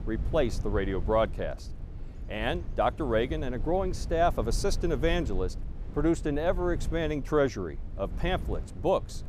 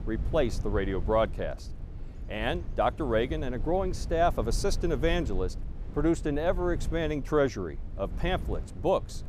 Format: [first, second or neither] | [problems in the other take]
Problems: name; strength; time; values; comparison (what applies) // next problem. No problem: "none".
neither | low rumble; faint; throughout; 20 dB below the speech; the same in both